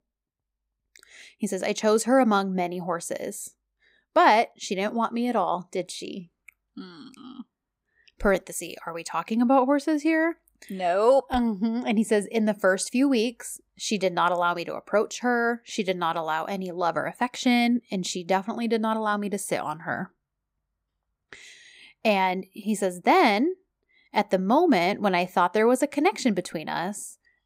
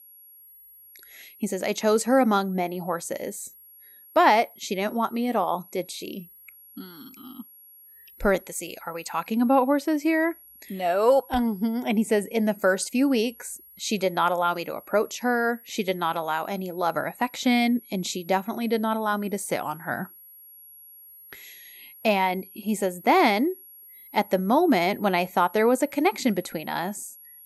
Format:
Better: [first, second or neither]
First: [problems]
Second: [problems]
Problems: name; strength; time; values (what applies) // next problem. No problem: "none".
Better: first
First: none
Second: high-pitched whine; faint; throughout; 11.5 kHz, 20 dB below the speech